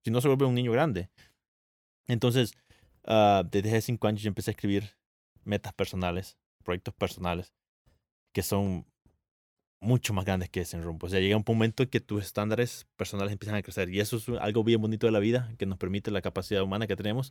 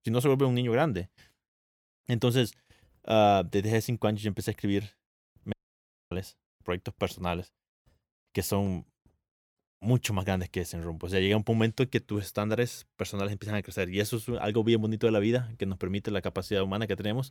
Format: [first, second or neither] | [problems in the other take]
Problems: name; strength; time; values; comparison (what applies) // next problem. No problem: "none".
first | audio cutting out; at 5.5 s for 0.5 s